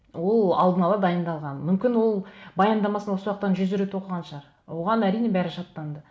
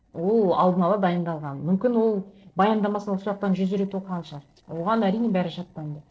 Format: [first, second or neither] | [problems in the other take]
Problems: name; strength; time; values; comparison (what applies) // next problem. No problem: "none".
first | noise reduction (neural separator model SepFormer DNS4)